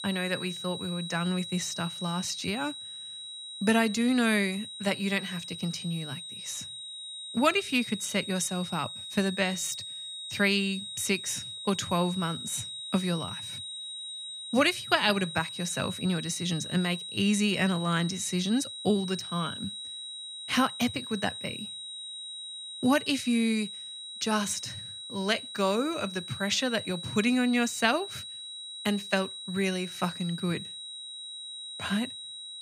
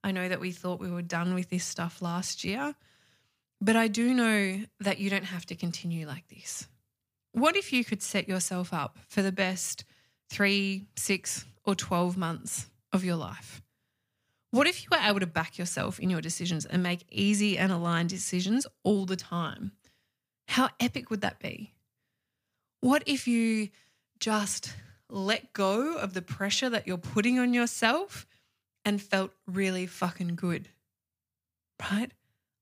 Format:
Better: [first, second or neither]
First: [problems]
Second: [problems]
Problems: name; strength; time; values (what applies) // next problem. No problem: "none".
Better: second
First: high-pitched whine; loud; throughout; 4 kHz, 8 dB below the speech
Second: none